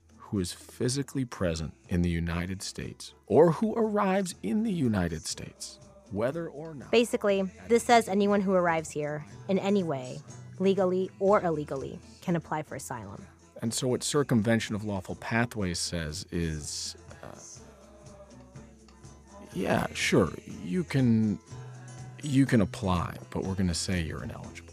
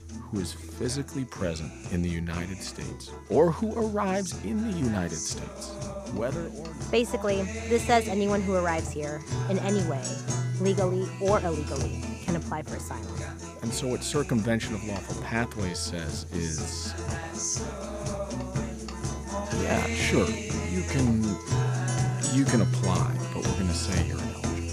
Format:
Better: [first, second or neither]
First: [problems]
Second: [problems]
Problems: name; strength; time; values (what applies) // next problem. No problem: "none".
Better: first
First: background music; faint; throughout; 20 dB below the speech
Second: background music; loud; throughout; 3 dB below the speech